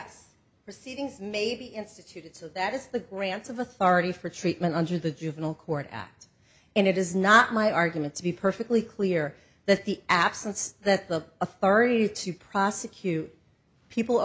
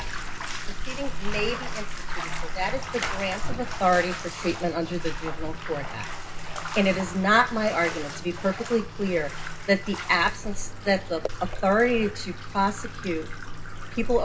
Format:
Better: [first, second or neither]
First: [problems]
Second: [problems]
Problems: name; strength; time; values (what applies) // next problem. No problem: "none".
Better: first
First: none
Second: background sound (Bathtub (filling or washing)); 3 dB below the speech // room echo; dies away in 0.2 s